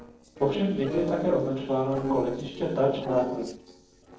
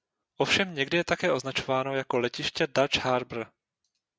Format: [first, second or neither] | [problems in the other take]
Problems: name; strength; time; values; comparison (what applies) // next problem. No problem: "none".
second | noise reduction (neural separator model SepFormer DNS4)